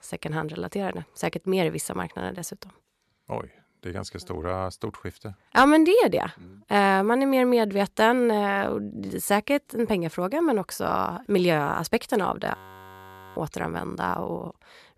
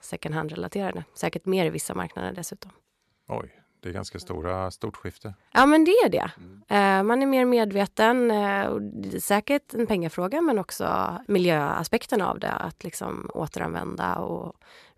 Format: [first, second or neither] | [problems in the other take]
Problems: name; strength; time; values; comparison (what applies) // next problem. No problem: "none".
second | audio freezing; at 13 s for 1 s